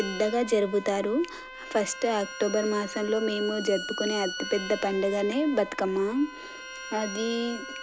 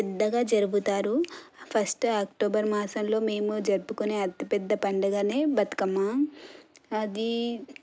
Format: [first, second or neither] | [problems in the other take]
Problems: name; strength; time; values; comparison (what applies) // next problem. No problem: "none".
second | background sound (Bowed string instrument + Trumpet); 11 dB below the speech